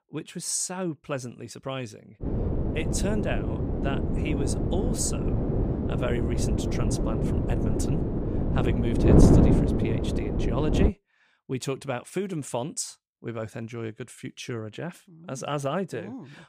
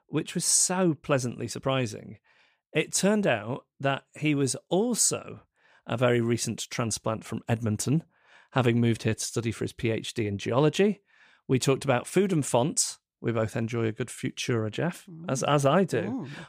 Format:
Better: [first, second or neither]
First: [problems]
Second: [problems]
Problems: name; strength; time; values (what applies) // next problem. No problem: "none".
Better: second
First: wind noise on the microphone; heavy; from 2 to 11 s; 3 dB above the speech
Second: none